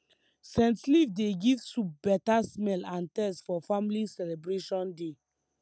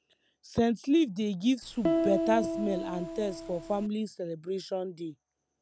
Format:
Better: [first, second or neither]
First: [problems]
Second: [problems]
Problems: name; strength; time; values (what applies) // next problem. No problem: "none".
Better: first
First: none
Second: background sound (Piano); 1 dB below the speech